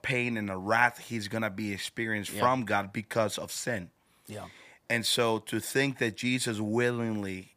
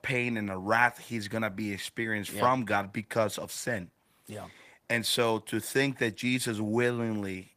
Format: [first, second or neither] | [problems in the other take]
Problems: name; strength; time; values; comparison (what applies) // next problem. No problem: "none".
first | garbled, watery; slightly; nothing above 15 kHz